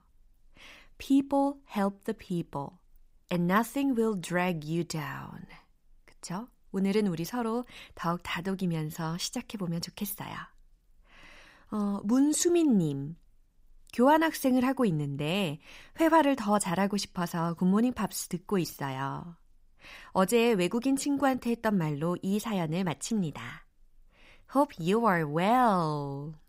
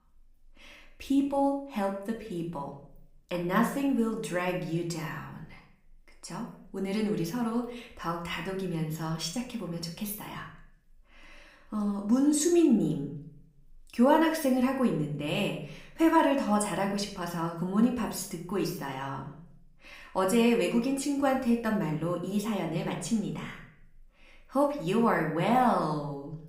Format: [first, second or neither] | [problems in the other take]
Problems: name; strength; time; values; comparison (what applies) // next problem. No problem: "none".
first | room echo; slight; dies away in 0.5 s // off-mic speech; far